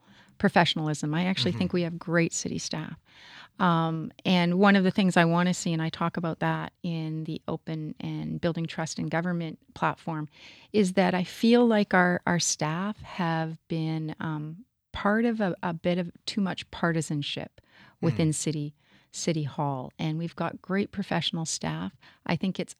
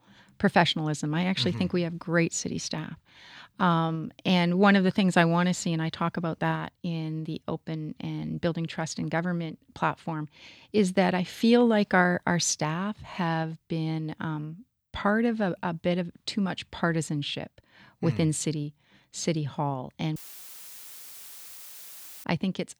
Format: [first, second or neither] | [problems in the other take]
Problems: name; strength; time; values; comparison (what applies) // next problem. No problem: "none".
first | audio cutting out; filled with static; at 20 s for 2 s